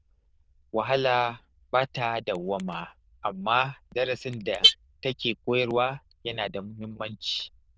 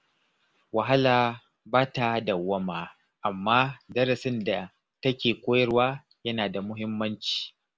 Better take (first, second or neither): second